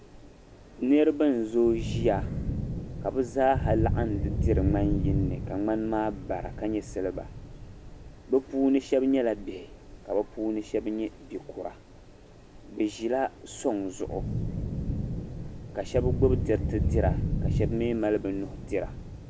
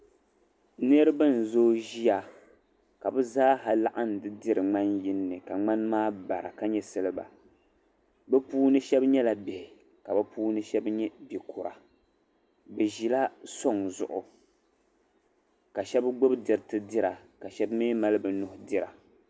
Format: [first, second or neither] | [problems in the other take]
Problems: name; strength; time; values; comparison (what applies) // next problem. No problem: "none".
second | background sound (Thunder / Rain); 3 dB below the speech